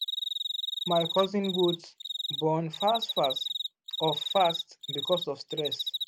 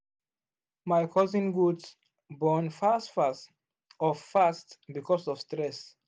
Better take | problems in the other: second | background sound (Cricket); 4 dB below the speech

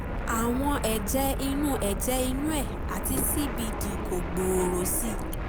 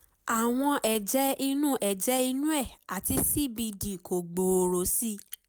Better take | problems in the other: second | background sound (Fixed-wing aircraft, airplane); 1 dB below the speech

